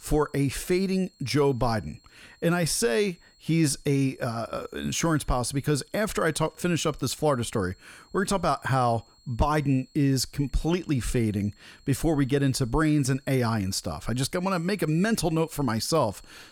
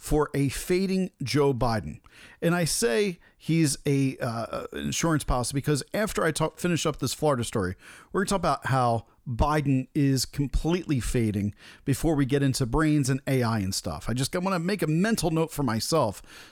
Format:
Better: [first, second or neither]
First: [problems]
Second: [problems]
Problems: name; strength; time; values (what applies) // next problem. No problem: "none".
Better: second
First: high-pitched whine; faint; throughout; 4.5 kHz, 30 dB below the speech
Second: none